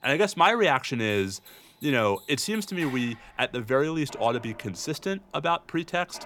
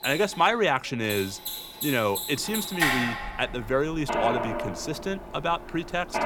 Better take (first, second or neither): first